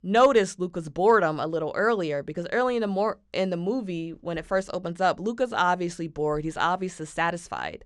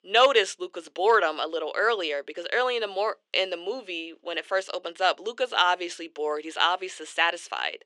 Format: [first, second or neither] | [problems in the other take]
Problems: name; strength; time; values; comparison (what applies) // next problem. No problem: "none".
first | thin; very; fading below 350 Hz